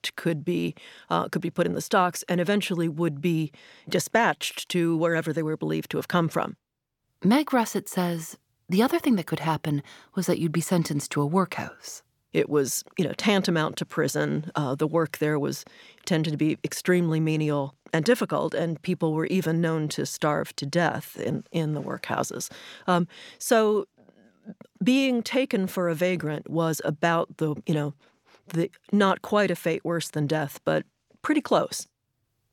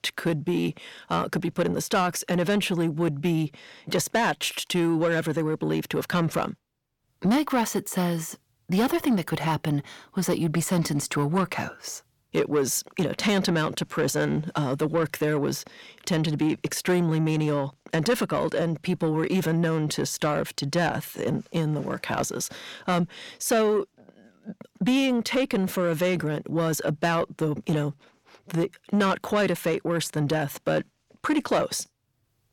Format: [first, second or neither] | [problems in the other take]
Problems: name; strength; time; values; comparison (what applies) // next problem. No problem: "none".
first | distortion; slight; 10 dB below the speech